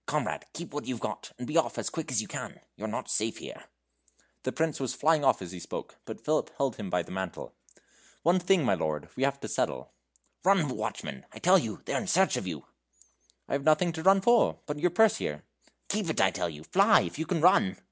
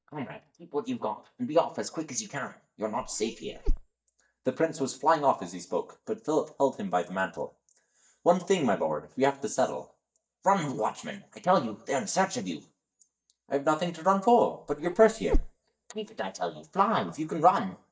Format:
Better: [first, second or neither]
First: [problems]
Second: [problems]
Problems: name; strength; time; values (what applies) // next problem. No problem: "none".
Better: first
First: none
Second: noise reduction (neural mask model DeepFilterNet 3)